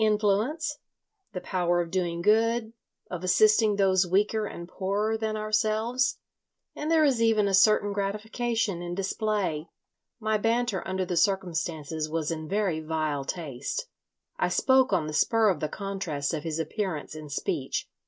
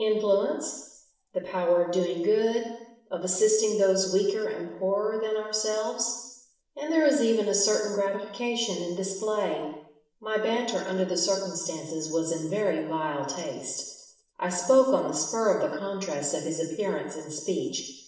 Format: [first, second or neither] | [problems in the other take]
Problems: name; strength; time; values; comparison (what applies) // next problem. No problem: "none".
first | room echo; dies away in 0.9 s